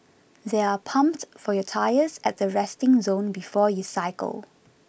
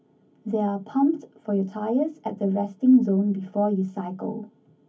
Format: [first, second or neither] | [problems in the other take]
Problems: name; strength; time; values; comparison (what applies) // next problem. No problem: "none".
first | room echo; dies away in 0.3 s